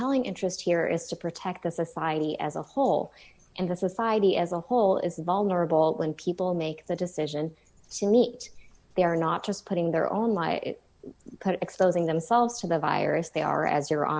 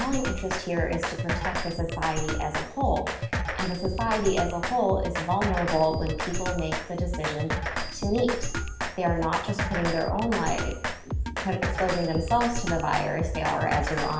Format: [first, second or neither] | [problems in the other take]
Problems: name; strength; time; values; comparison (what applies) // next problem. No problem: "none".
first | background sound (Drum kit); 2 dB below the speech // room echo; dies away in 0.7 s